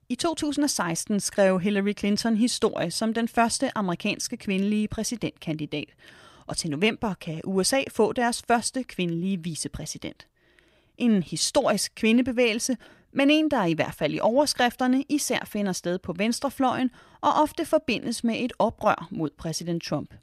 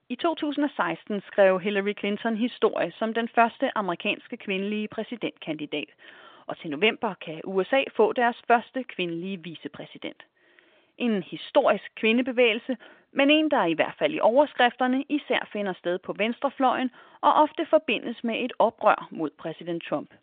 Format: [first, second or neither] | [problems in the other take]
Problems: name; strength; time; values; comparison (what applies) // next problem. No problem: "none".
first | phone-call audio; nothing above 3 kHz